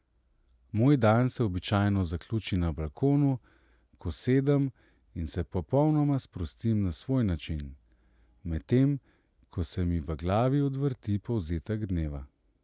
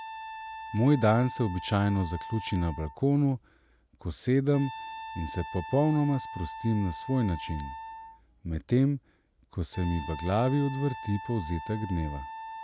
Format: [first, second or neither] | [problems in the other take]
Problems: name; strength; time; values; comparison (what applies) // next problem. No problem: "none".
first | background sound (Wind instrument, woodwind instrument); 13 dB below the speech